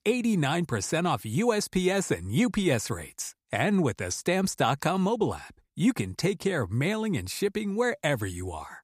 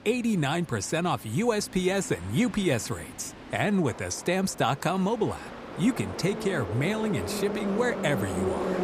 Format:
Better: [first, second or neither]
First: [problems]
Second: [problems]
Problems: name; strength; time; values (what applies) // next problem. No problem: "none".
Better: first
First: none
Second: train or aircraft noise; loud; throughout; 8 dB below the speech